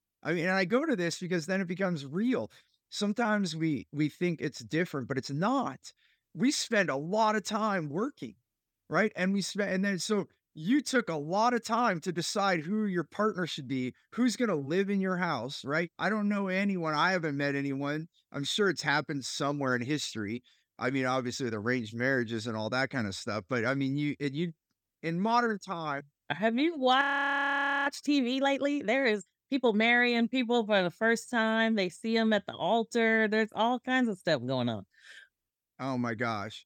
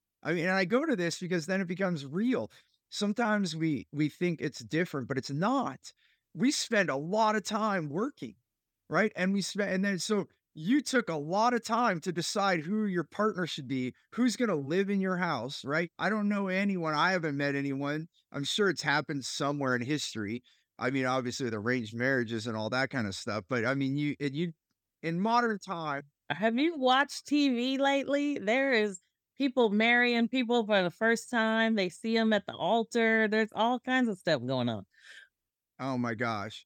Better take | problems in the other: second | audio freezing; at 27 s for 1 s

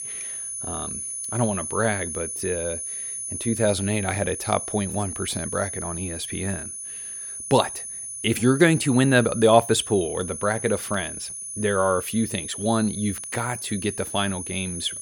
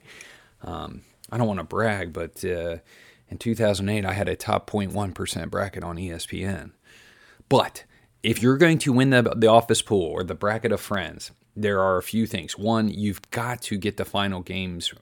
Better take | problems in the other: second | high-pitched whine; loud; throughout; 10 kHz, 6 dB below the speech

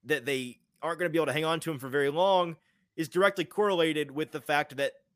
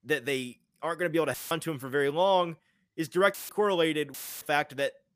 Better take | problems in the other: first | audio cutting out; filled with static; at 1.5 s, at 3.5 s and at 4 s

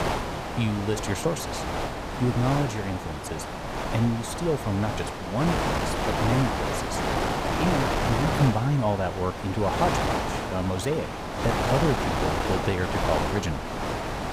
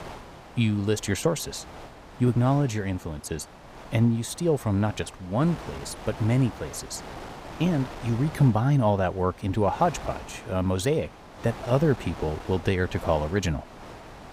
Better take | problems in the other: second | wind noise on the microphone; heavy; 3 dB above the speech; occasional gusts in the second

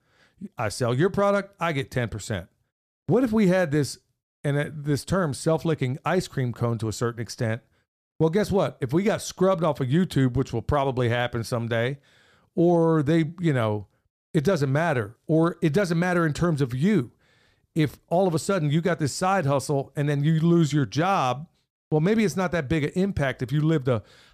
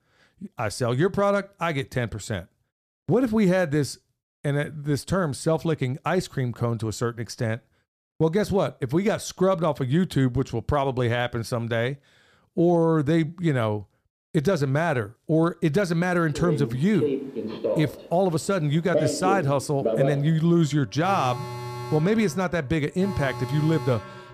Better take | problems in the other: first | alarms or sirens; loud; from 16 s on; 6 dB below the speech

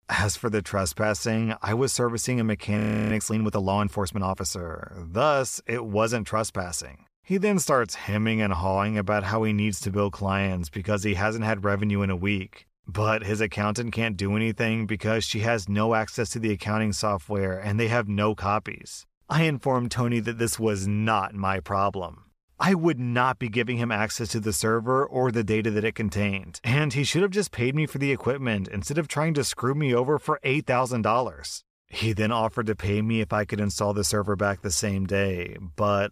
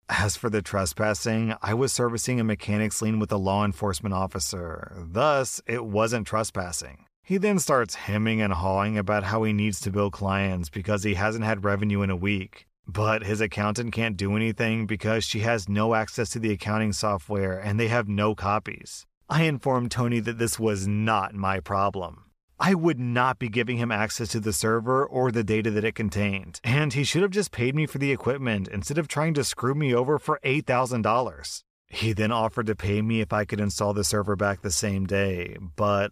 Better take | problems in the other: second | audio freezing; at 3 s

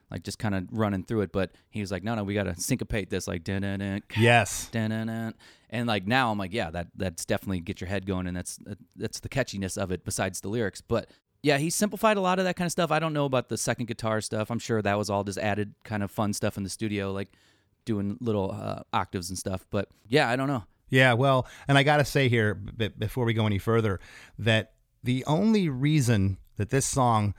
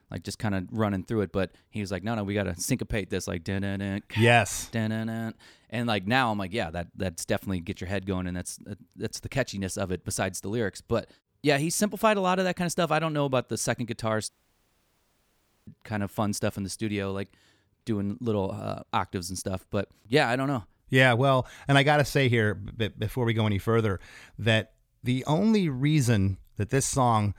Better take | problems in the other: first | audio cutting out; at 14 s for 1.5 s

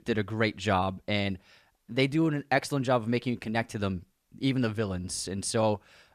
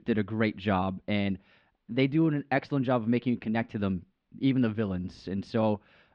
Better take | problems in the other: first | muffled; slightly; fading above 3.5 kHz

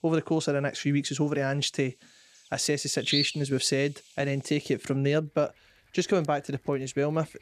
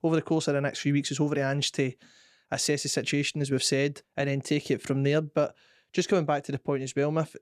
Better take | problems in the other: second | animal sounds; loud; throughout; 1 dB below the speech

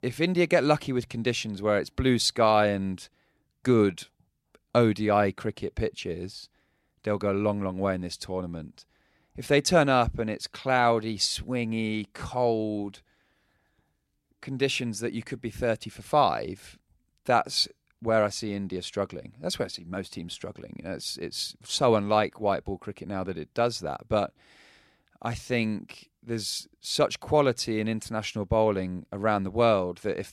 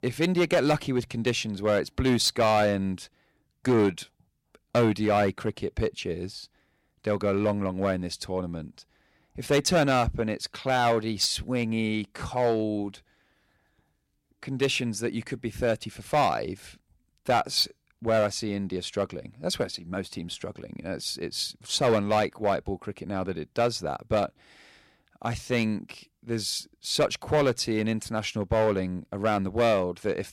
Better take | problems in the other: first | distortion; slight; 3% of the sound clipped

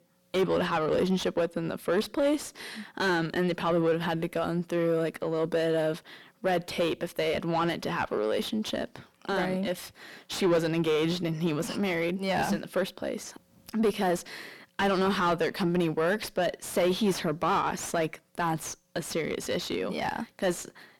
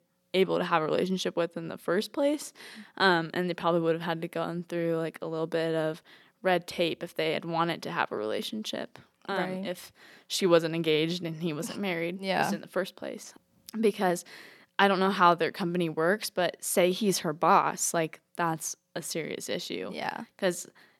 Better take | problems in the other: second | distortion; heavy; 6 dB below the speech

